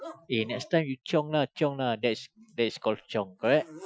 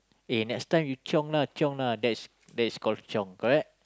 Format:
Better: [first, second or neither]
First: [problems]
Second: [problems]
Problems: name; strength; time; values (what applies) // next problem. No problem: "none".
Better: second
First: noise reduction (classical method Wiener filter)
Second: none